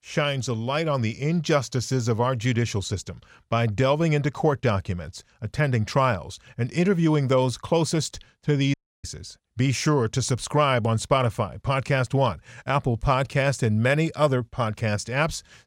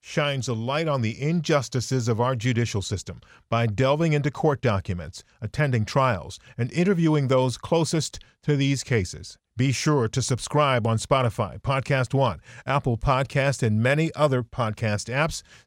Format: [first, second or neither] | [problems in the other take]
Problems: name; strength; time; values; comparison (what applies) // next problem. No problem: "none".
second | audio cutting out; at 8.5 s